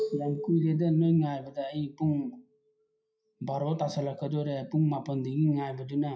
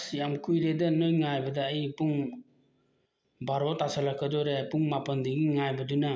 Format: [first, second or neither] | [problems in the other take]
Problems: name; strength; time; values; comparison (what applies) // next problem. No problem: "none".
second | noise reduction (classical method WPE with log-MMSE)